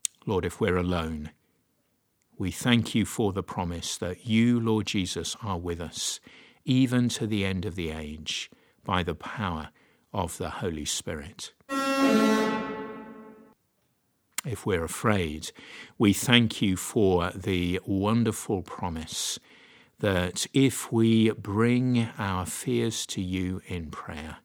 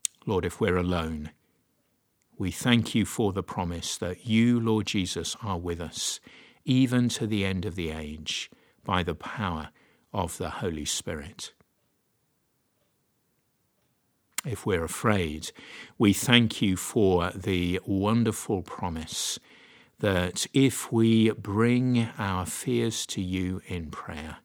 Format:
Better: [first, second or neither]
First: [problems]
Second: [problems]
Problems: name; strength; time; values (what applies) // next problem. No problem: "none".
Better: second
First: alarm; loud; from 12 to 13 s; peak 6 dB above the speech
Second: none